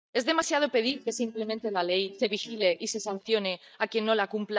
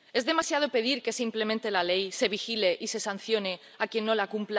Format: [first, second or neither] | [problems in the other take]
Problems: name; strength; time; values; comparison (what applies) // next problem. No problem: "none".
second | noise reduction (neural mask model DeepFilterNet 3)